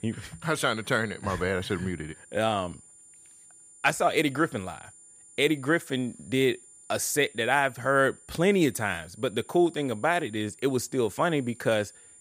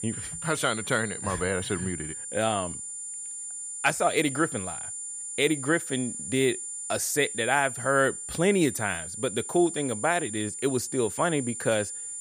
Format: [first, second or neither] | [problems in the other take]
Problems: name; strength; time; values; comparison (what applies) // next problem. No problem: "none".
first | high-pitched whine; loud; throughout; 9.5 kHz, 7 dB below the speech; faint in the first